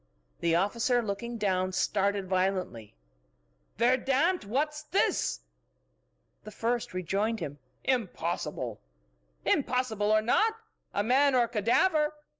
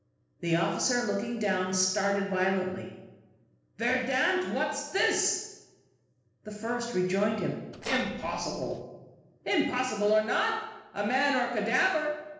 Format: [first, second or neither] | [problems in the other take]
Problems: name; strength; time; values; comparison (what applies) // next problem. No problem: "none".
first | noise reduction (neural separator model SepFormer DNS4)